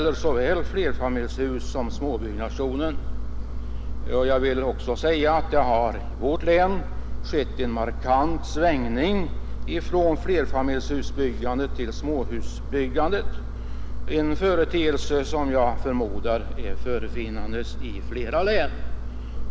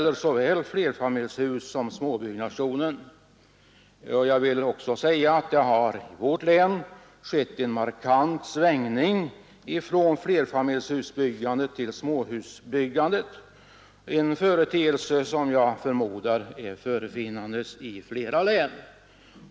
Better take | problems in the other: second | background sound (Engine); 1 dB below the speech

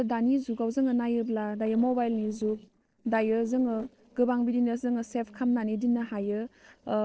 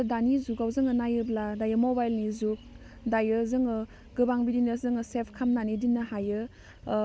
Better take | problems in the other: second | noise reduction (neural separator model SepFormer DNS4)

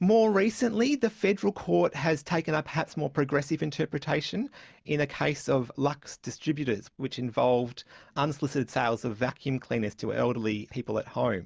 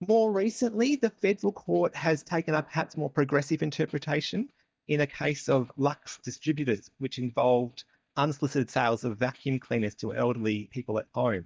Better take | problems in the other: first | noise reduction (neural mask model DeepFilterNet 3)

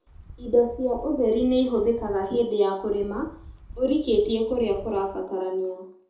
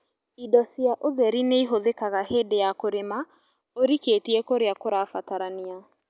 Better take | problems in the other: second | background sound (Wind); 19 dB below the speech // room echo; dies away in 0.5 s

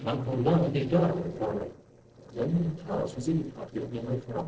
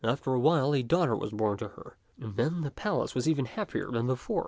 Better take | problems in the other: second | noise reduction (neural separator model SepFormer DNS4)

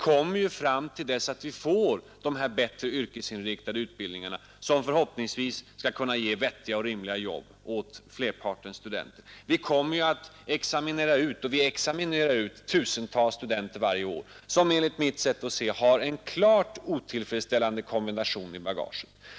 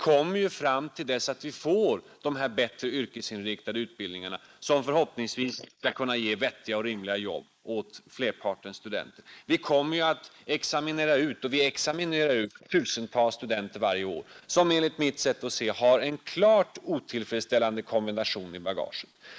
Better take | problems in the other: first | noise reduction (neural mask model Resemble Enhance denoiser)

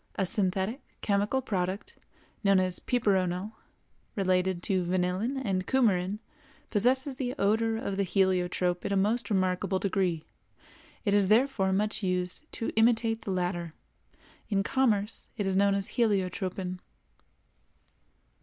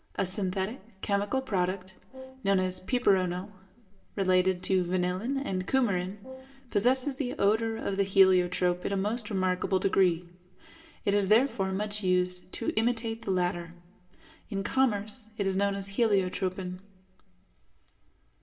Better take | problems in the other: first | background sound (Brass instrument); 20 dB below the speech // room echo; dies away in 0.7 s

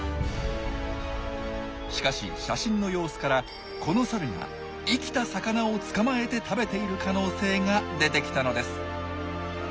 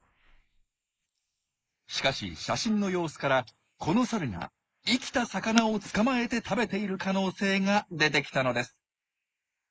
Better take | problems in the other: first | noise reduction (neural mask model Resemble Enhance denoiser)

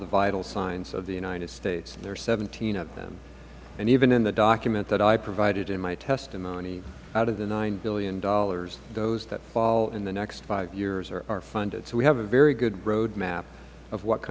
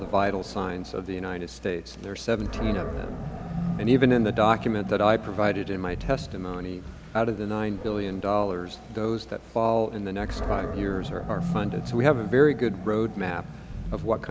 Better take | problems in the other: first | background sound (Animal); 8 dB below the speech

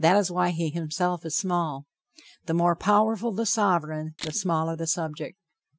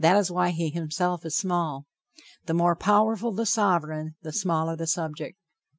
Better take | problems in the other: second | background sound (Camera); 16 dB below the speech

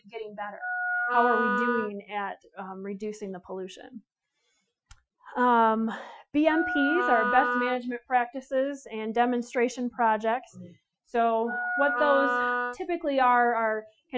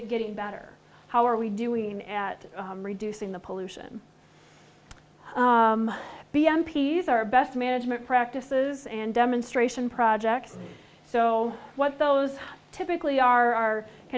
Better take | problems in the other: second | noise reduction (classical method Wiener filter)

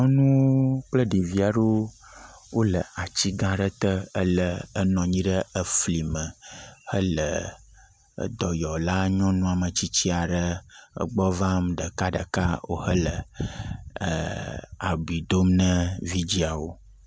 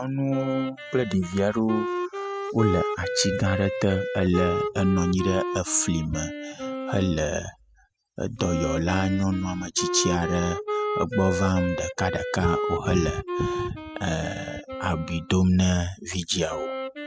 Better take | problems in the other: first | noise reduction (classical method spectral subtraction)

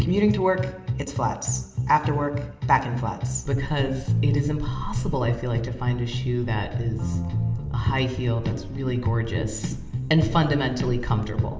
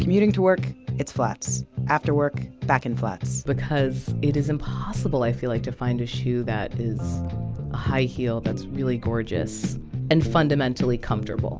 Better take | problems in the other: second | room echo; dies away in 0.9 s

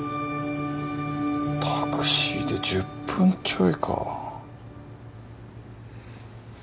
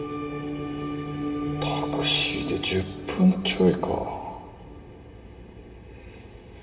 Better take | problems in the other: first | room echo; dies away in 1.6 s

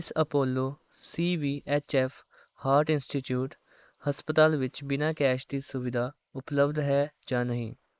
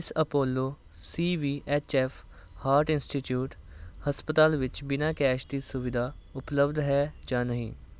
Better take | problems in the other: second | noise reduction (neural mask model Resemble Enhance denoiser)

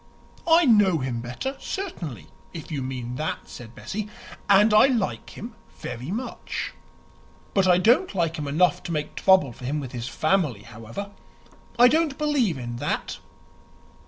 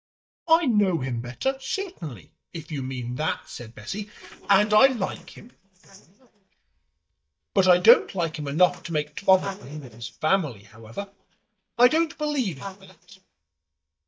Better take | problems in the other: first | noise reduction (neural mask model DeepFilterNet 3)

